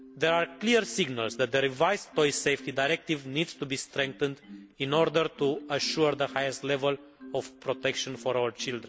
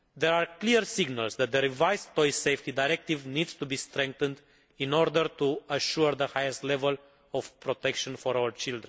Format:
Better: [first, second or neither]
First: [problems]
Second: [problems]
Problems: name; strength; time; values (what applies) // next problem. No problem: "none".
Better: second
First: background sound (Marimba, xylophone); 19 dB below the speech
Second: none